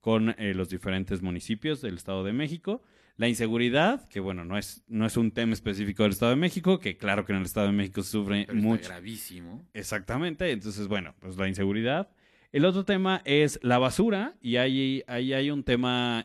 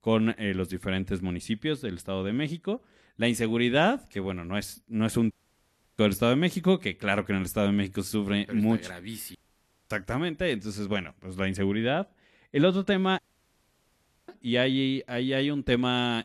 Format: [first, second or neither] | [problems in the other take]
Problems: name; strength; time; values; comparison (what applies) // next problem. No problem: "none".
first | audio cutting out; at 5.5 s for 0.5 s, at 9.5 s for 0.5 s and at 13 s for 1 s